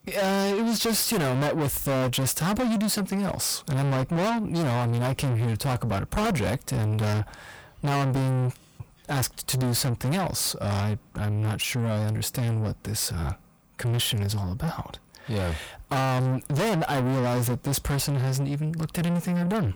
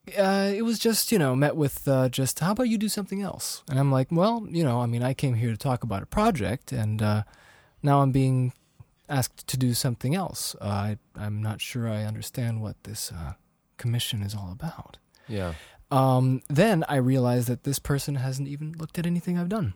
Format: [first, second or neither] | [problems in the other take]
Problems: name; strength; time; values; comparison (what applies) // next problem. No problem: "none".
second | distortion; heavy; 5 dB below the speech